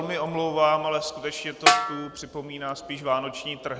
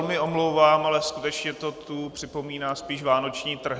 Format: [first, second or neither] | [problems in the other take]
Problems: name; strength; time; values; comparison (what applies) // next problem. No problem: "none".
second | background sound (Snare drum); 4 dB above the speech